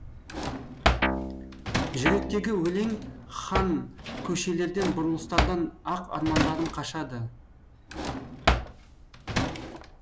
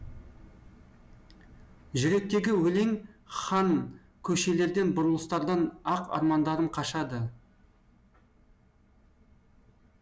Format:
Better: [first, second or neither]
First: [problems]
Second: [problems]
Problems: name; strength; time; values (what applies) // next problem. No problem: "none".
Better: second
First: background sound (Drawer open or close + Guitar); 1 dB above the speech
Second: none